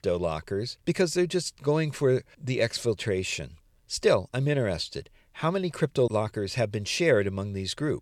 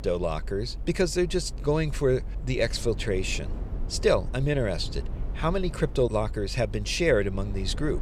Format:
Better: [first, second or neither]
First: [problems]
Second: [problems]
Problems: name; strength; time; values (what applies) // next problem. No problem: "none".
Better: first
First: none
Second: low rumble; faint; throughout; 20 dB below the speech